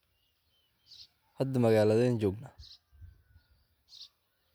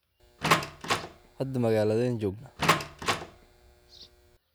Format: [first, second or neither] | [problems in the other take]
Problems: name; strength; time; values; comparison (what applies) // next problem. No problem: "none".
first | background sound (Door); 1 dB above the speech